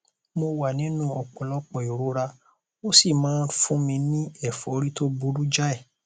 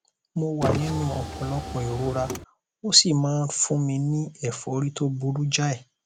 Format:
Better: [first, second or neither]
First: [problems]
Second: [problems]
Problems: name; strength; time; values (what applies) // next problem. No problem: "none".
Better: first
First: none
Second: background sound (Car); 5 dB below the speech